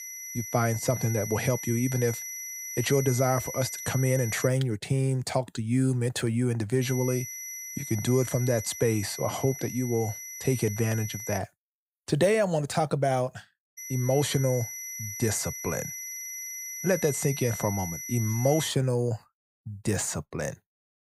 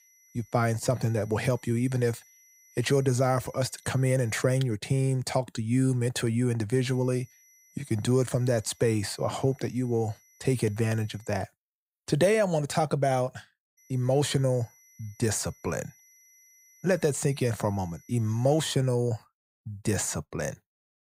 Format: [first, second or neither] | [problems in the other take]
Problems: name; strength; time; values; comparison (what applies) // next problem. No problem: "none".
second | high-pitched whine; loud; until 4.5 s, from 7 to 11 s and from 14 to 19 s; 6 kHz, 8 dB below the speech; faint in the second